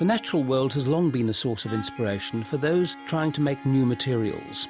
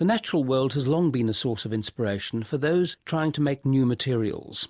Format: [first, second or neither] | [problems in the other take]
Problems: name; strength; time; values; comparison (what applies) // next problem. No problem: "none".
second | background sound (Harp + Wind instrument, woodwind instrument); 17 dB below the speech